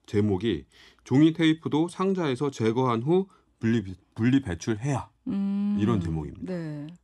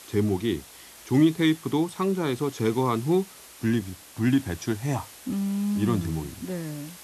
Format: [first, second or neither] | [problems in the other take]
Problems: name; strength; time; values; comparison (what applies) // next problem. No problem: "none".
first | hiss; noticeable; throughout; 20 dB below the speech